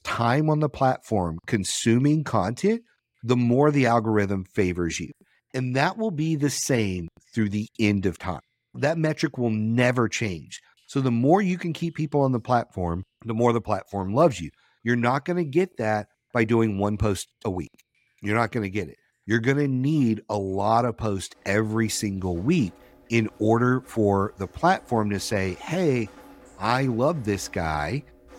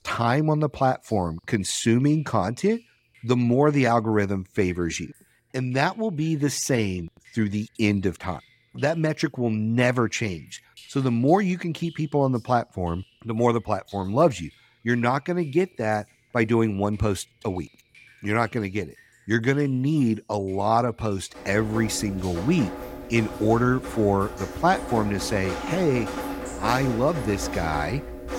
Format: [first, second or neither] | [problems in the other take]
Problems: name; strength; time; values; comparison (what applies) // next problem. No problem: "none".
first | rain or running water; loud; throughout; 10 dB below the speech; faint in the first